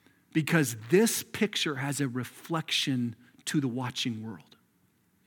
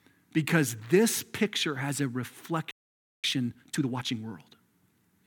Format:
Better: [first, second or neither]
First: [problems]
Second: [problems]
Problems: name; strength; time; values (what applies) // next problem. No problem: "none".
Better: first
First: none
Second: audio freezing; at 2.5 s for 0.5 s